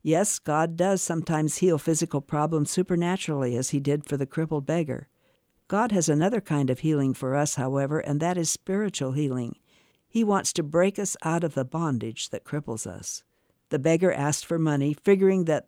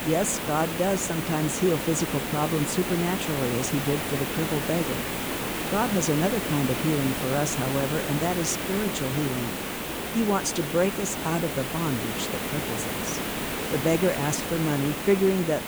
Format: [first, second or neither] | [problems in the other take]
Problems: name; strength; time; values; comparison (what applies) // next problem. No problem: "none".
first | hiss; loud; throughout; 2 dB below the speech